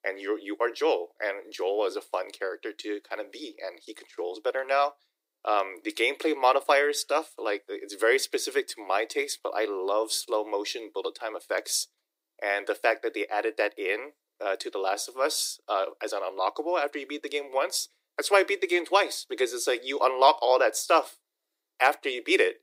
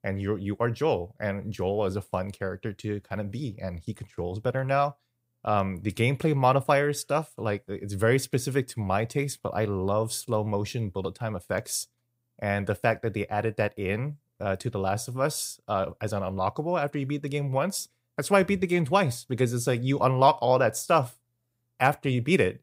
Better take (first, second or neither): second